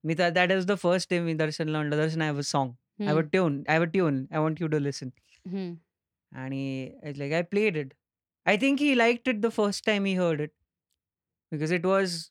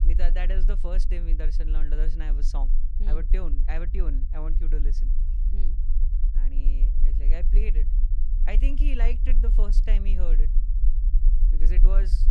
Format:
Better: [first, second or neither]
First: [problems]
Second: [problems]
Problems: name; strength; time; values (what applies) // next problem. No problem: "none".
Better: first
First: none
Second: low rumble; loud; throughout; 10 dB below the speech